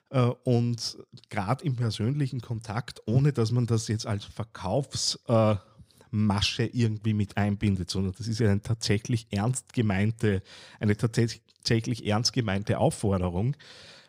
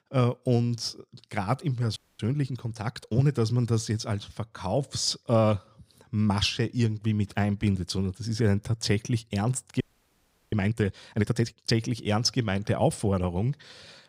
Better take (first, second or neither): first